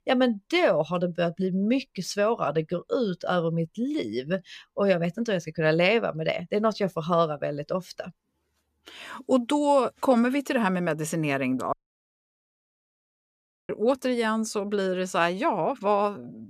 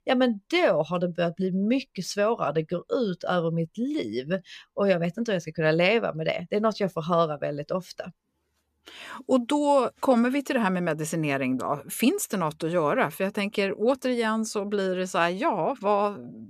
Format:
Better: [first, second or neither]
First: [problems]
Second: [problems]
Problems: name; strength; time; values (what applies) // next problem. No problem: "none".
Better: second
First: audio cutting out; at 12 s for 2 s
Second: none